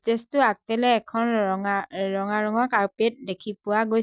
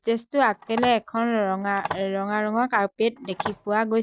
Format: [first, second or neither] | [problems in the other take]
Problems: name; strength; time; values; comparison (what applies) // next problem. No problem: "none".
first | background sound (Telephone); 12 dB below the speech